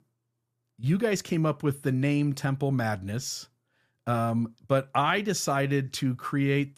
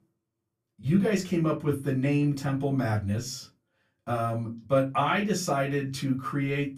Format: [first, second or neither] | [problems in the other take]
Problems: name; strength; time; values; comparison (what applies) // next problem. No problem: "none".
first | off-mic speech; far // room echo; very slight; dies away in 0.2 s